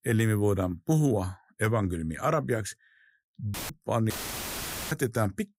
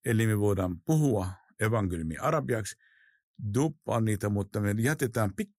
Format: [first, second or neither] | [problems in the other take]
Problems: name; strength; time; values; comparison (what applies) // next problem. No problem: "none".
second | audio cutting out; filled with static; at 3.5 s and at 4 s for 1 s